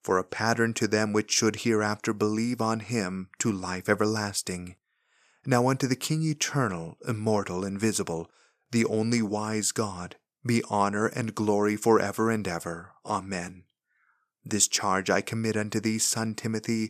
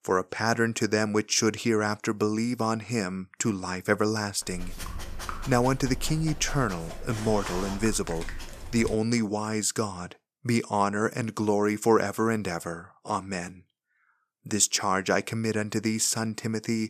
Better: first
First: none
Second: dog barking; noticeable; from 4.5 to 9 s; peak 8 dB below the speech

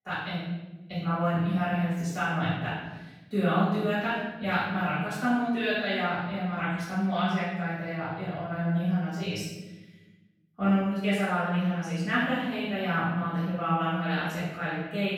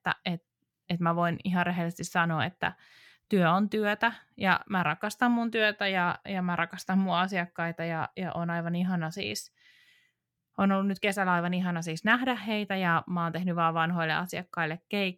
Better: second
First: off-mic speech; far // room echo; strong; dies away in 1.1 s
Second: none

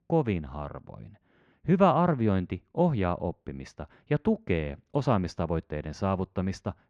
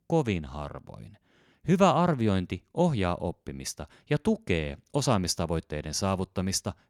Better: second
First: muffled; very; fading above 2 kHz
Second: none

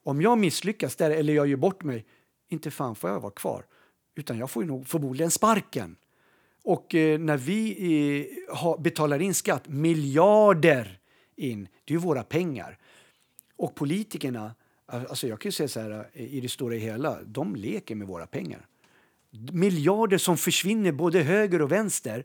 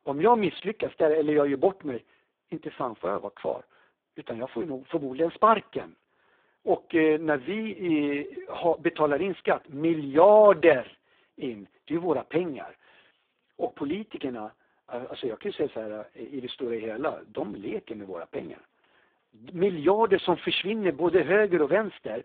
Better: first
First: none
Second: phone-call audio; poor line

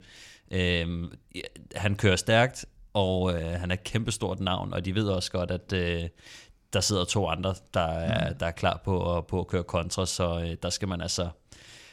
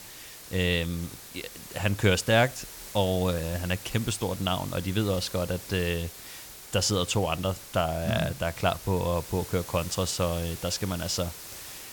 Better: first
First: none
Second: hiss; noticeable; throughout; 15 dB below the speech

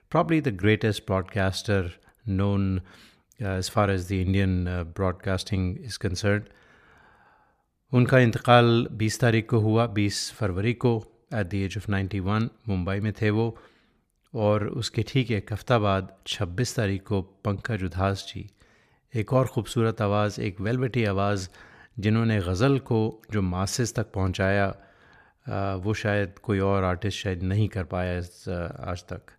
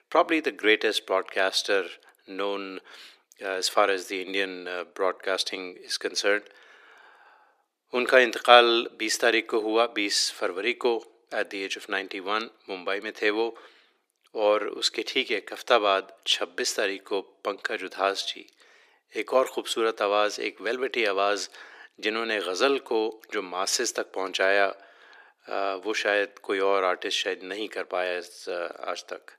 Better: first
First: none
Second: thin; very; fading below 350 Hz

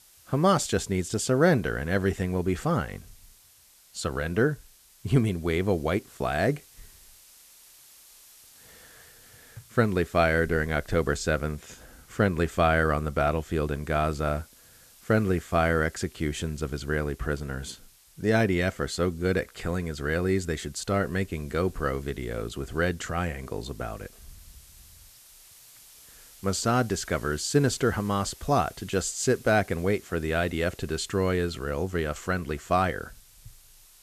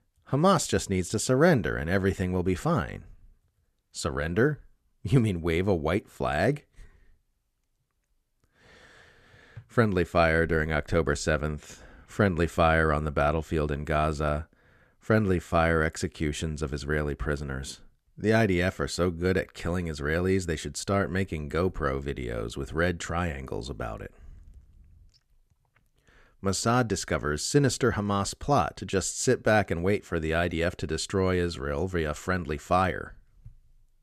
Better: second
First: hiss; faint; throughout; 25 dB below the speech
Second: none

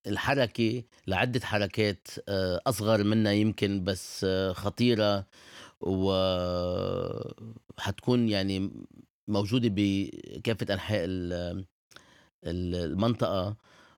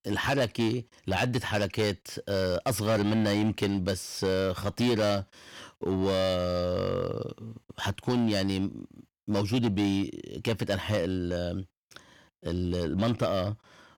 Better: first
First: none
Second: distortion; slight; 8% of the sound clipped

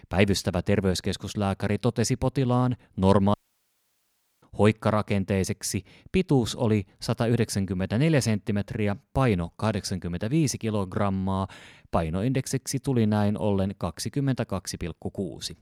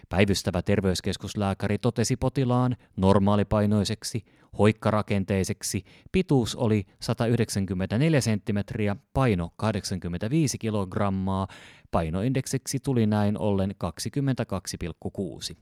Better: second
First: audio cutting out; at 3.5 s for 1 s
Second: none

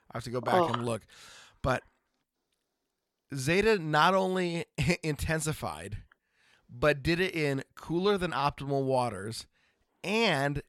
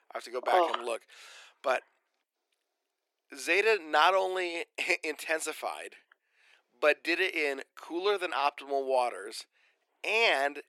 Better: first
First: none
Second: thin; very; fading below 350 Hz

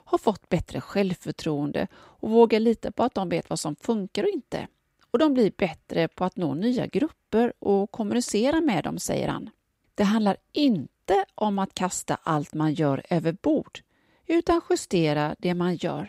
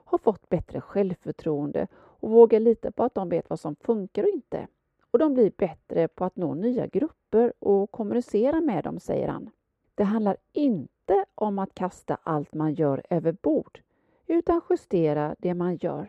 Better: first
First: none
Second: muffled; very; fading above 2.5 kHz

